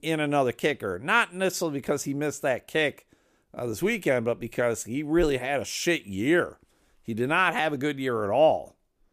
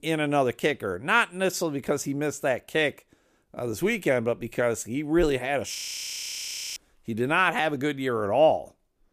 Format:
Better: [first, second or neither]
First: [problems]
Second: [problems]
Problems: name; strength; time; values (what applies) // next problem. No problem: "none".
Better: first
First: none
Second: audio freezing; at 6 s for 1 s